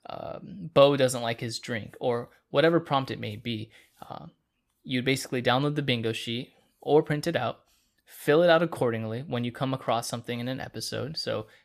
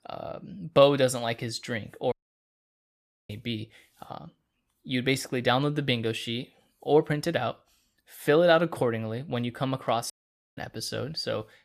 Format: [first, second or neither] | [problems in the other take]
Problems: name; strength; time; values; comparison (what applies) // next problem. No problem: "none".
first | audio cutting out; at 2 s for 1 s and at 10 s